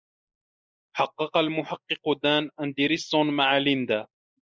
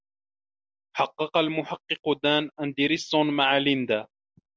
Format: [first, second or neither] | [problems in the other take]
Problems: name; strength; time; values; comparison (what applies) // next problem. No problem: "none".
second | noise reduction (neural mask model Resemble Enhance denoiser)